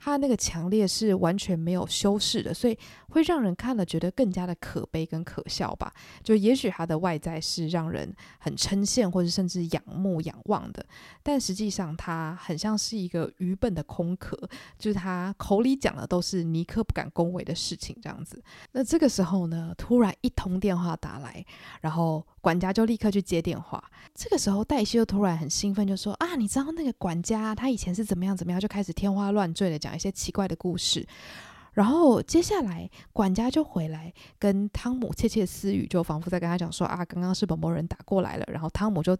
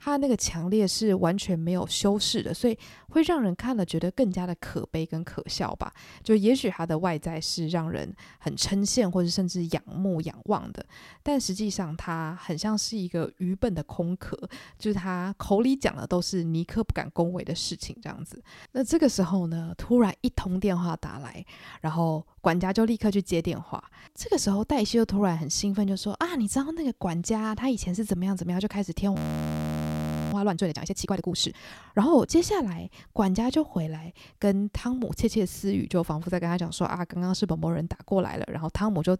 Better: first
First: none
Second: audio freezing; at 29 s for 1 s

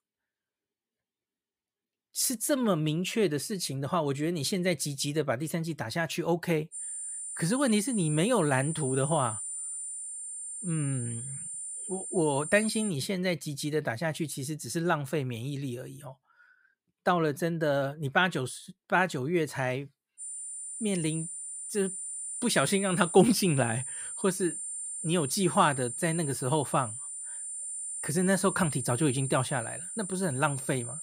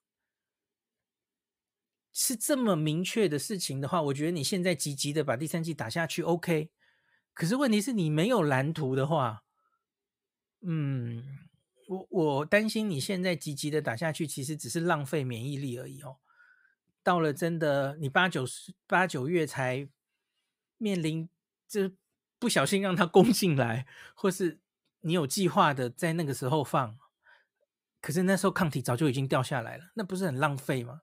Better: second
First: high-pitched whine; loud; from 6.5 to 13 s and from 20 s on; 9 kHz, 6 dB below the speech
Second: none

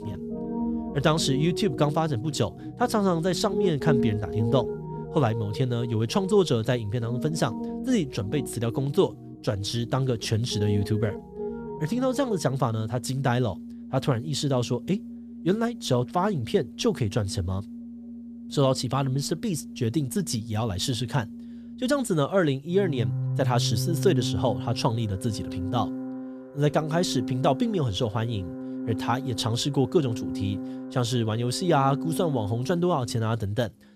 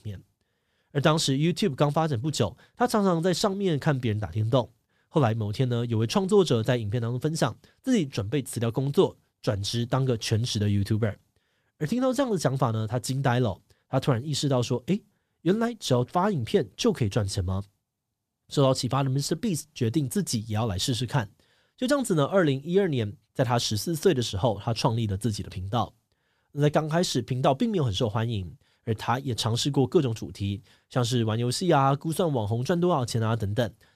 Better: second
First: background music; loud; throughout; 8 dB below the speech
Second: none

